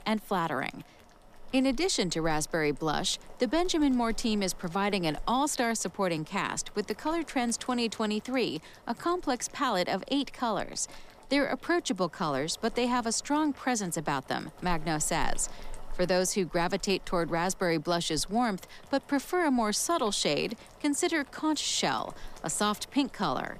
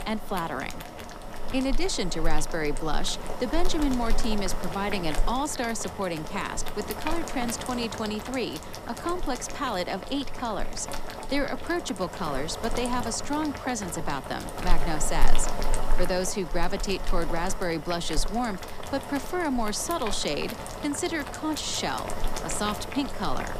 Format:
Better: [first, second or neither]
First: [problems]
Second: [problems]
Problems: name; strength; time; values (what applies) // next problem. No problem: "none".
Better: first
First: household noises; faint; throughout; 25 dB below the speech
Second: household noises; loud; throughout; 5 dB below the speech